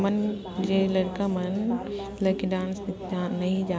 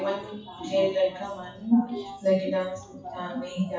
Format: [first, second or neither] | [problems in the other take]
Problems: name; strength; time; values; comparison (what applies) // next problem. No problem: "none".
first | noise reduction (classical method WPE with log-MMSE)